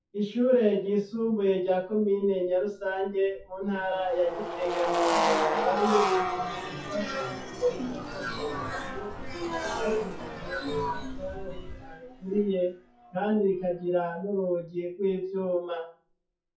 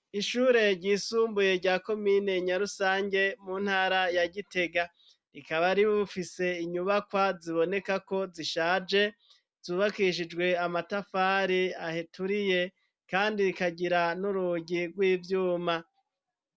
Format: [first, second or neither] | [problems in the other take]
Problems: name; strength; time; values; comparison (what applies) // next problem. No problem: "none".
second | noise reduction (classical method WPE with log-MMSE)